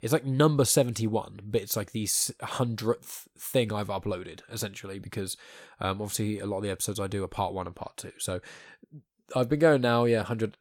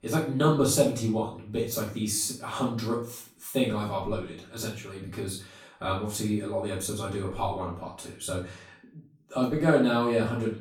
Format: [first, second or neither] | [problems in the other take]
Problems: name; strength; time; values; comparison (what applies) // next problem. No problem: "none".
first | off-mic speech; far // room echo; noticeable; dies away in 0.4 s